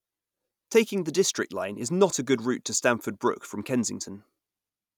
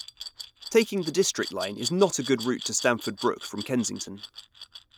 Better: first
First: none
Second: background sound (Glass); 13 dB below the speech

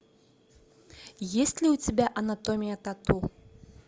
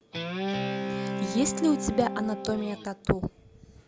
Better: first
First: none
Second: background sound (Guitar); 3 dB below the speech

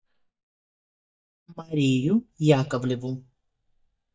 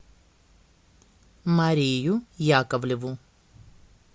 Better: second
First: noise reduction (neural mask model DeepFilterNet 3)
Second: none

